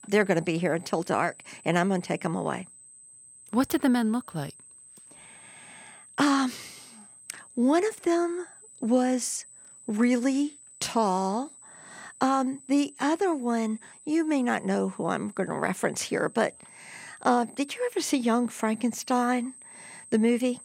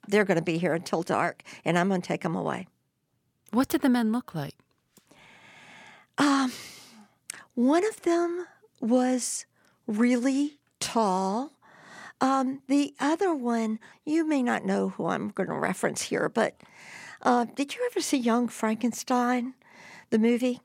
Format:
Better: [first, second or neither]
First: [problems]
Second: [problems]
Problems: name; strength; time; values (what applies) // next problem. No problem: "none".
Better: second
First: high-pitched whine; faint; throughout; 8.5 kHz, 20 dB below the speech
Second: none